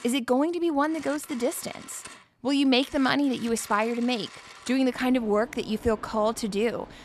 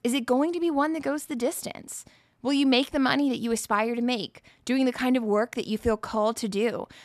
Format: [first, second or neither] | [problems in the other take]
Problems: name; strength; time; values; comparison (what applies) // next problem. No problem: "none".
second | alarms or sirens; noticeable; throughout; 20 dB below the speech